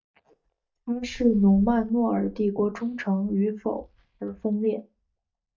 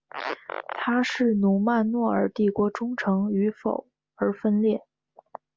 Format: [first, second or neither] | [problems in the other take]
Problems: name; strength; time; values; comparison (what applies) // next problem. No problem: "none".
second | noise reduction (neural mask model DeepFilterNet 3)